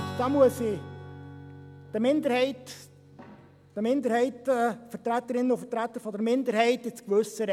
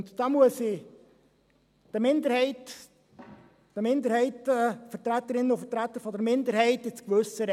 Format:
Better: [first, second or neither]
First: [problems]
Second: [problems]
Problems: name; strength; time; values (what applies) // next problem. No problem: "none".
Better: second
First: background sound (Strum); 17 dB below the speech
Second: none